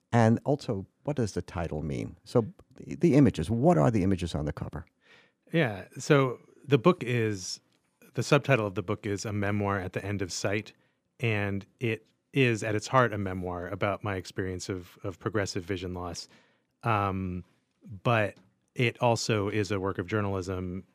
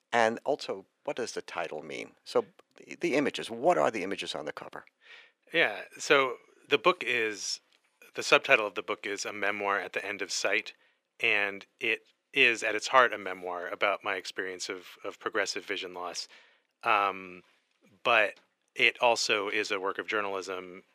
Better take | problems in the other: first | thin; very; fading below 500 Hz

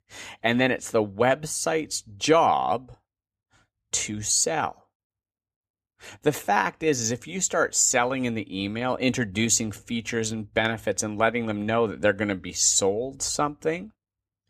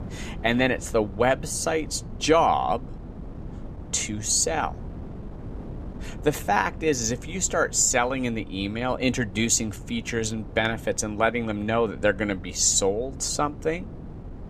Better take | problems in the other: first | wind noise on the microphone; occasional gusts; 20 dB below the speech

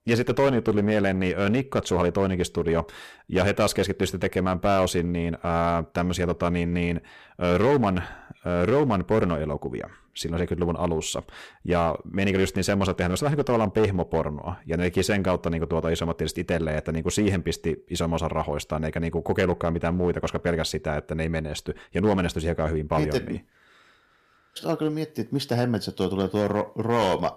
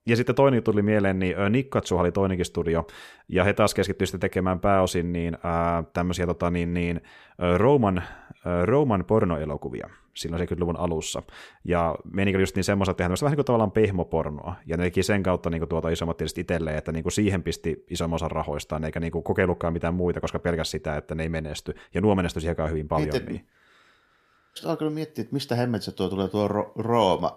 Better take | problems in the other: second | distortion; slight; 6% of the sound clipped

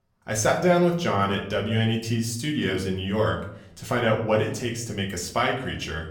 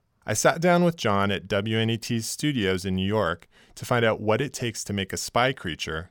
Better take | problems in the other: second | room echo; slight; dies away in 0.5 s // off-mic speech; somewhat distant

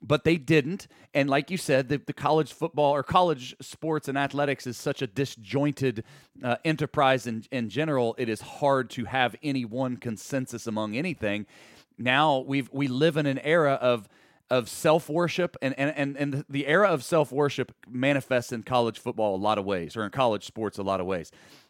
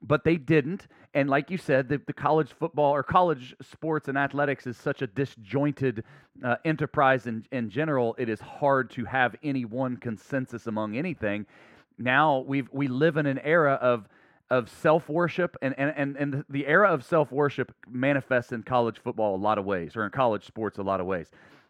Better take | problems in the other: first | muffled; slightly; fading above 3.5 kHz

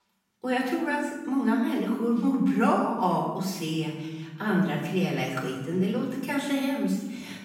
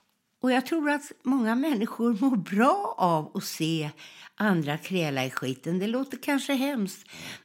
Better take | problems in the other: second | off-mic speech; far // room echo; noticeable; dies away in 1.1 s

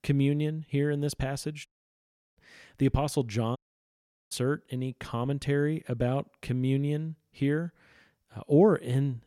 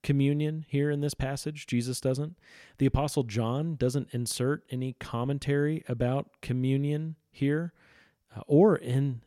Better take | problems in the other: second | audio cutting out; at 1.5 s for 0.5 s and at 3.5 s for 0.5 s

